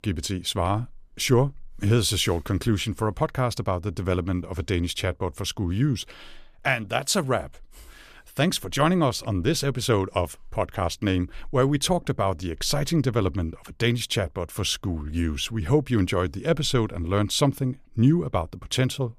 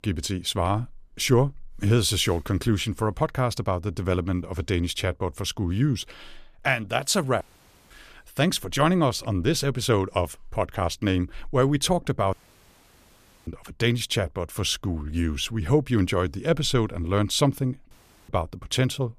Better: first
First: none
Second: audio cutting out; at 7.5 s, at 12 s for 1 s and at 18 s

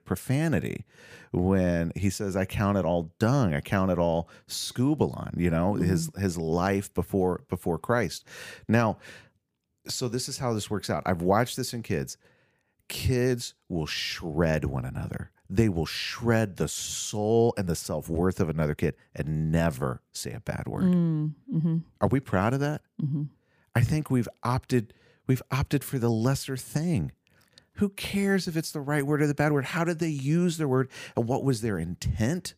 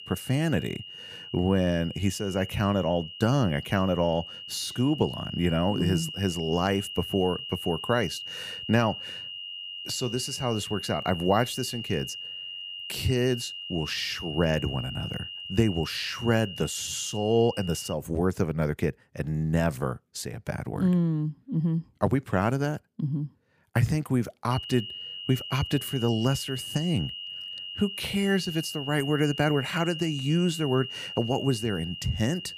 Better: first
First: none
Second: high-pitched whine; loud; until 18 s and from 25 s on; 3 kHz, 8 dB below the speech

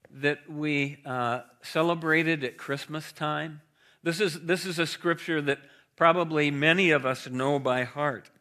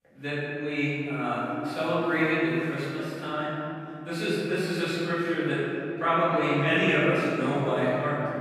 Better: first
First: none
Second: off-mic speech; far // room echo; strong; dies away in 3 s

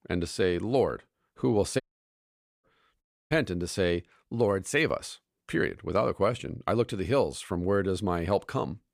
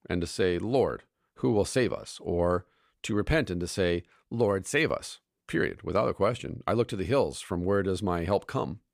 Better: second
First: audio cutting out; at 2 s for 1 s and at 3 s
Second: none

